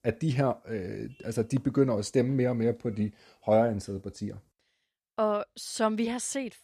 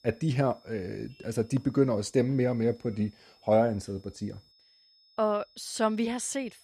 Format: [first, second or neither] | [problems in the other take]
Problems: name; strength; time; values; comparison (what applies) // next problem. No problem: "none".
first | high-pitched whine; faint; throughout; 5 kHz, 30 dB below the speech